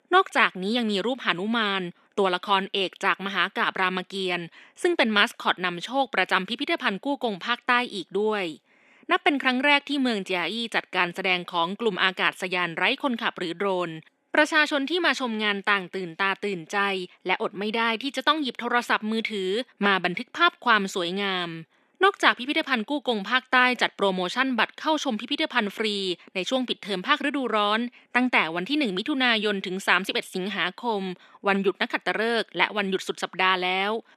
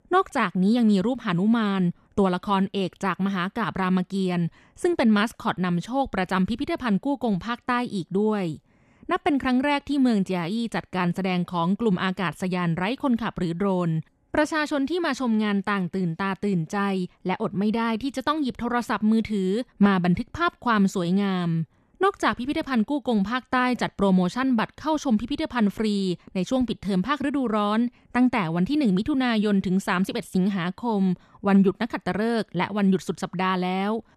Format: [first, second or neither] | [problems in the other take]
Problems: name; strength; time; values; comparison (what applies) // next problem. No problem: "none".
second | thin; somewhat; fading below 300 Hz